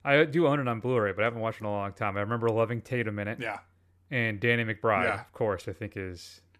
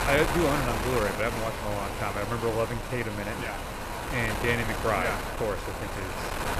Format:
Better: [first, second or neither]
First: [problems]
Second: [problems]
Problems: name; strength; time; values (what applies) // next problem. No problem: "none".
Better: first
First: none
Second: wind noise on the microphone; heavy; 2 dB below the speech